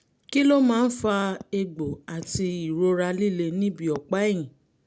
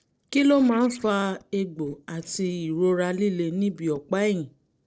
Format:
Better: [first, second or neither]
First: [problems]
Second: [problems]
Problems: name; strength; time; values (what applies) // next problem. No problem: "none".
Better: first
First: none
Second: noise reduction (neural separator model SepFormer DNS4)